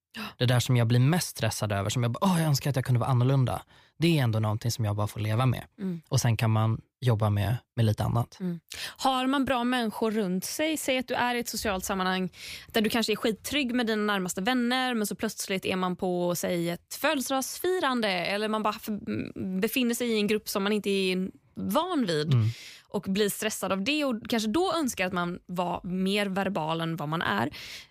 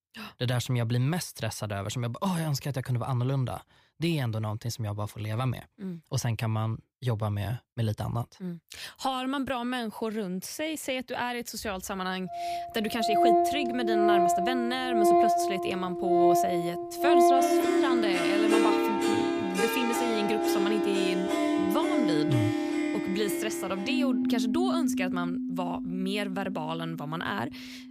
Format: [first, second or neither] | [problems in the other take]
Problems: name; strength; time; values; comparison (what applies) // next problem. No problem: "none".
first | background music; very loud; from 12 s on; 5 dB above the speech